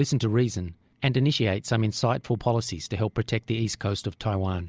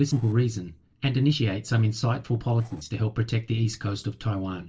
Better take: first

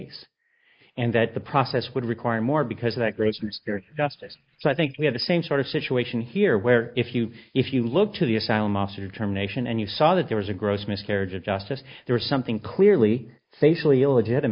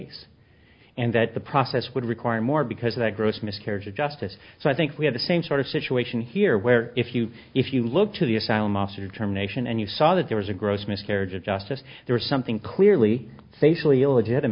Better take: second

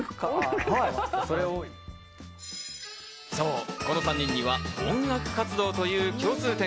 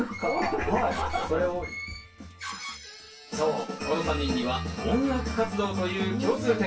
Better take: first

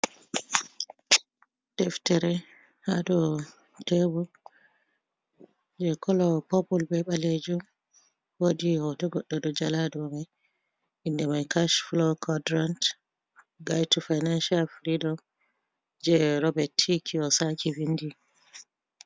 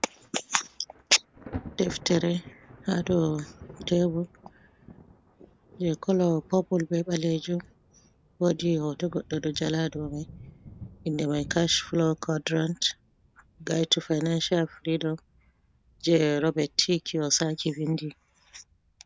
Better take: first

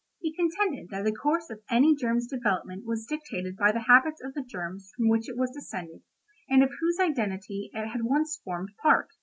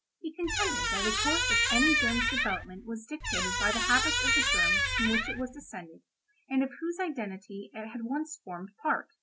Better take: first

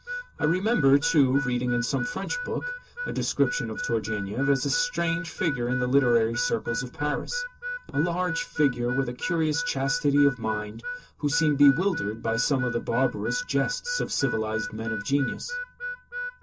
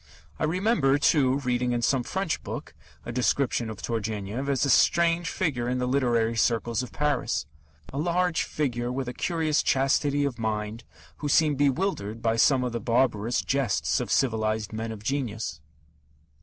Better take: second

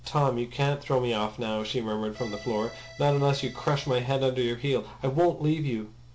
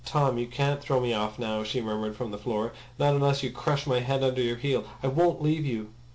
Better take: second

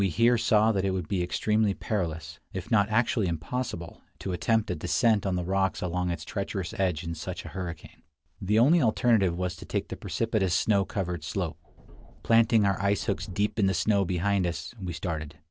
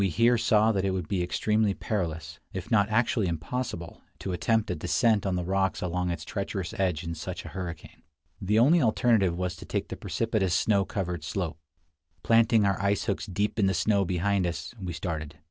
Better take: second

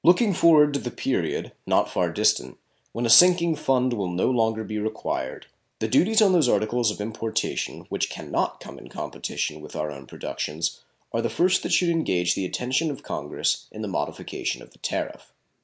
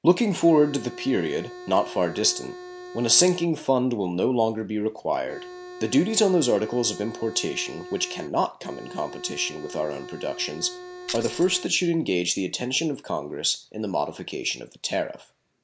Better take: first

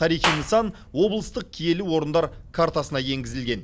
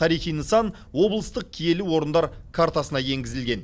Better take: second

